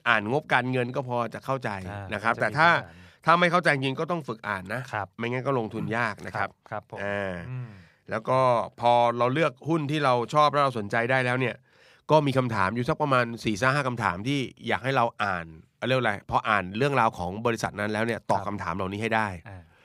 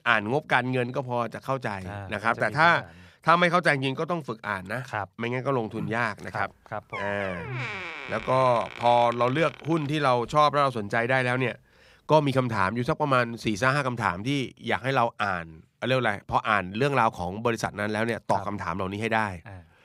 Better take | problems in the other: first | door banging; noticeable; from 7 to 10 s; peak 7 dB below the speech

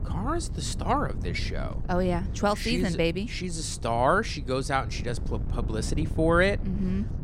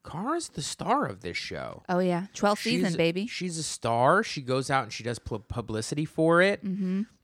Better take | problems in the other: second | wind noise on the microphone; occasional gusts; 20 dB below the speech

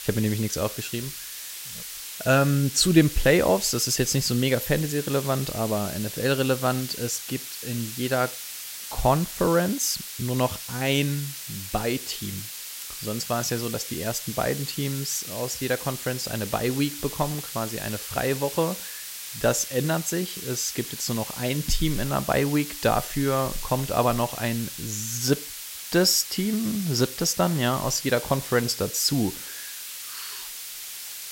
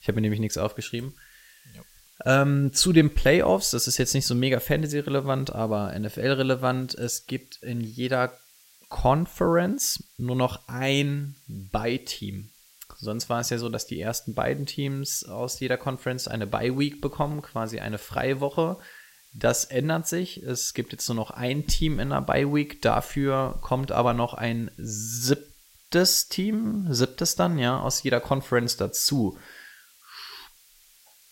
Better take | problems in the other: second | hiss; loud; throughout; 8 dB below the speech; faint in the second

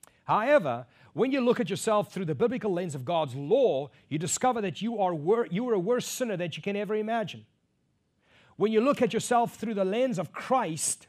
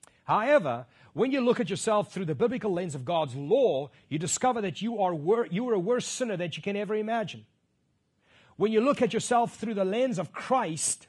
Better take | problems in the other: first | garbled, watery; slightly

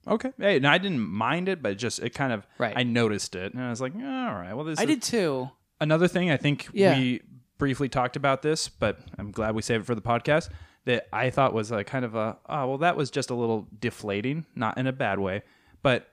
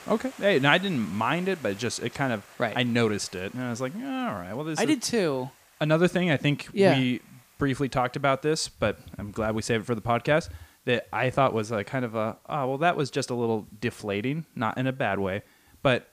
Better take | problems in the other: first | hiss; faint; throughout; 25 dB below the speech

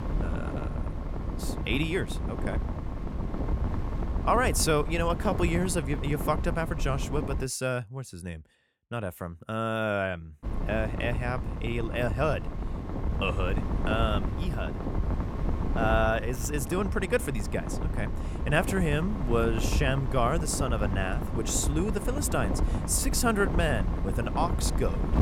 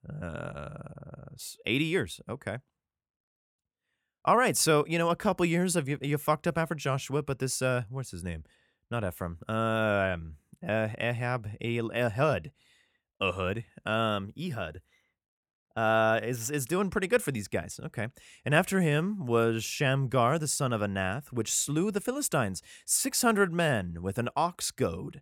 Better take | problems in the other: second | wind noise on the microphone; heavy; until 7.5 s and from 10 s on; 9 dB below the speech

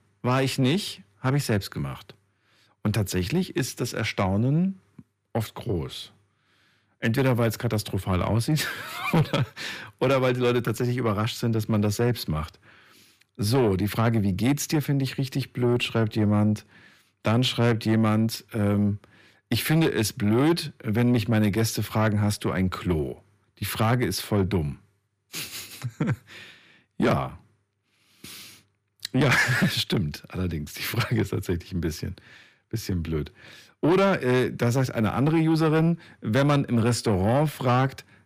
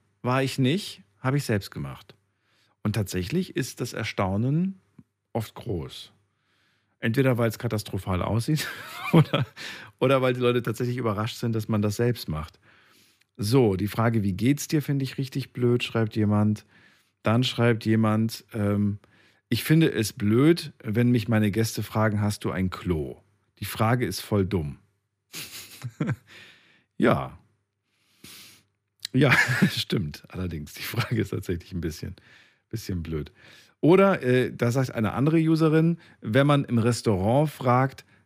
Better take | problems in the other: second | distortion; slight; 10 dB below the speech

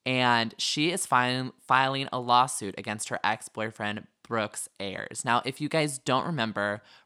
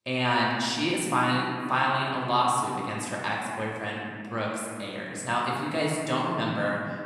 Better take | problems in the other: first | room echo; noticeable; dies away in 2.1 s // off-mic speech; far

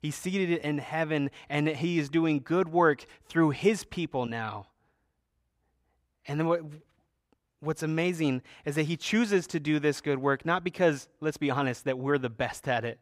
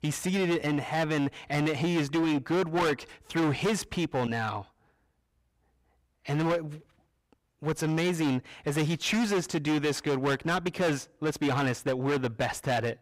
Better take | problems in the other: first | distortion; heavy; 16% of the sound clipped

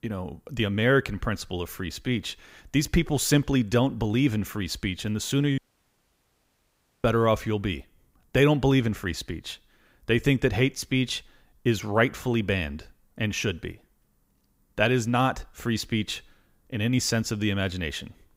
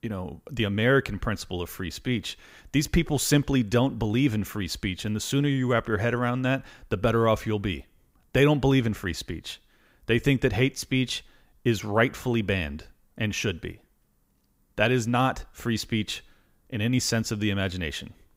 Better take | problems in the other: second | audio cutting out; at 5.5 s for 1.5 s

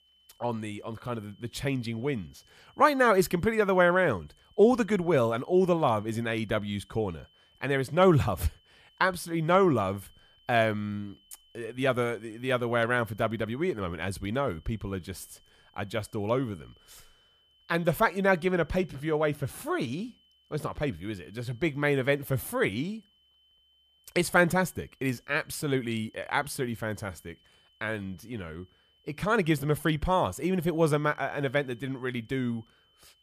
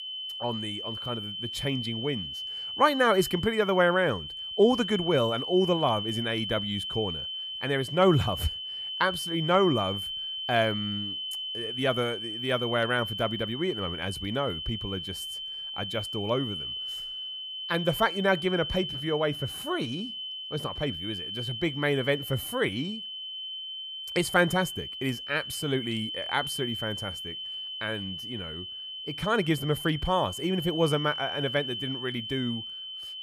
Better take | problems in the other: first | high-pitched whine; loud; throughout; 3 kHz, 5 dB below the speech; faint in the first

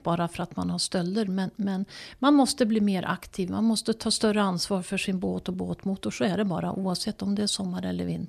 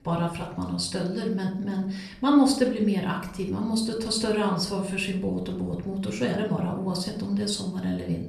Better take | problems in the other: first | off-mic speech; somewhat distant // room echo; slight; dies away in 0.5 s

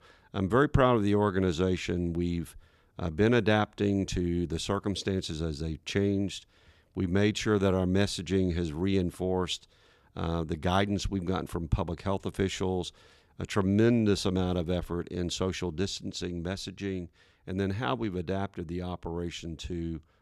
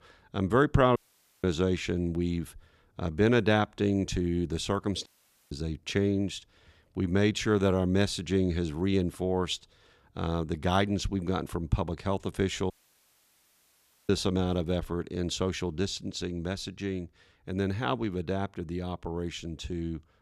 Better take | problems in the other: first | audio cutting out; at 1 s, at 5 s and at 13 s for 1.5 s

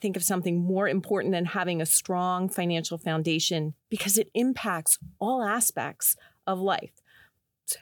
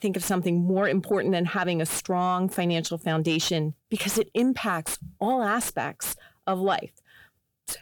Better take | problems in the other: first | distortion; heavy; 7 dB below the speech

